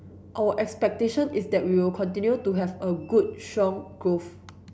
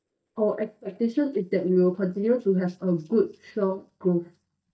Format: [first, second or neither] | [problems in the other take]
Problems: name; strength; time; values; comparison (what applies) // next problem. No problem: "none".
first | noise reduction (neural mask model DeepFilterNet 3)